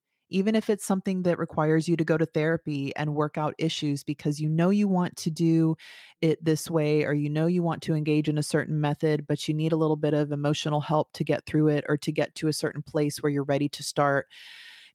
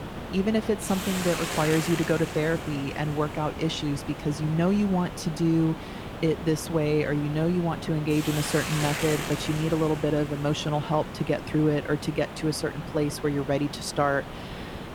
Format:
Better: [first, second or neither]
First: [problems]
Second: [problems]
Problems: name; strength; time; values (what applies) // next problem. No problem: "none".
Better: first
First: none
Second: hiss; loud; throughout; 8 dB below the speech